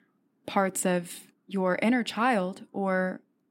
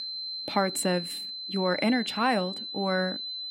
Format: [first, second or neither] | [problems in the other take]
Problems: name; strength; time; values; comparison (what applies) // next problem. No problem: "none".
first | high-pitched whine; loud; throughout; 4 kHz, 5 dB below the speech